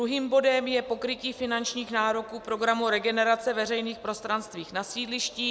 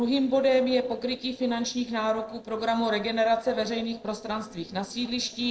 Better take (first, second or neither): first